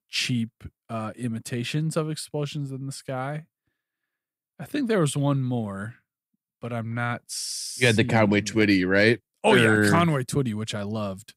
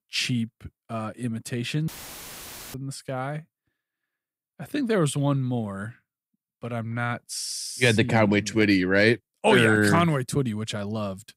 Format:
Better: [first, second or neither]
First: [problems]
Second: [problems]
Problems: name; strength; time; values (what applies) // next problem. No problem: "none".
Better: first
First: none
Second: audio cutting out; filled with static; at 2 s for 1 s